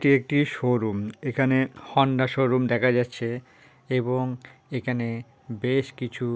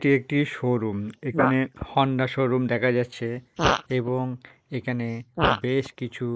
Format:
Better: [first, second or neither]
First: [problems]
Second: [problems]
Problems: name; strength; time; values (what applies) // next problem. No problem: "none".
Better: first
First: none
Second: noise reduction (neural mask model Resemble Enhance denoiser)